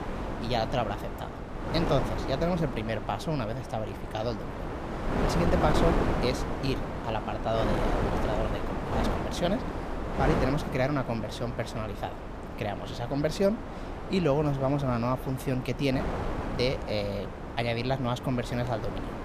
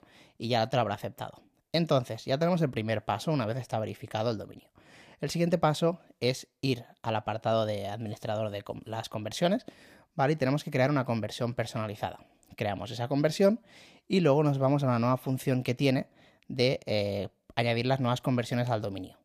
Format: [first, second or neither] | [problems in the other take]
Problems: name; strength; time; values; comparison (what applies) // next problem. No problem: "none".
second | wind noise on the microphone; heavy; 3 dB below the speech